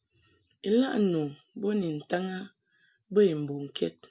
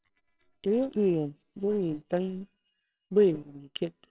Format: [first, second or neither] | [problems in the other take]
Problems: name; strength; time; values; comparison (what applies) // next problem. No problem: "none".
first | noise reduction (neural separator model SepFormer WHAMR!)